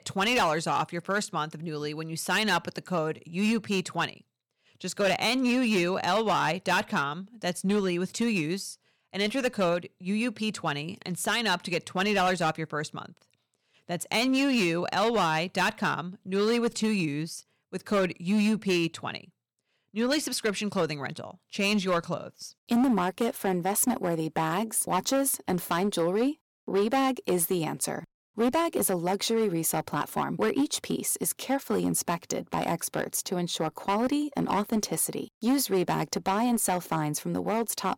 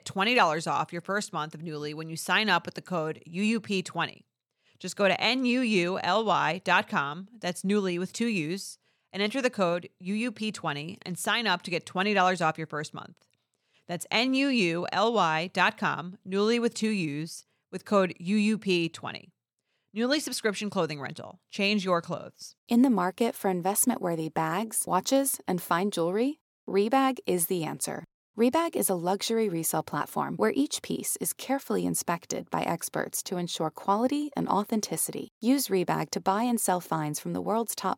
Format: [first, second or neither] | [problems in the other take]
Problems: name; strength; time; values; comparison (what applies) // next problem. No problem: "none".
second | distortion; slight; 7% of the sound clipped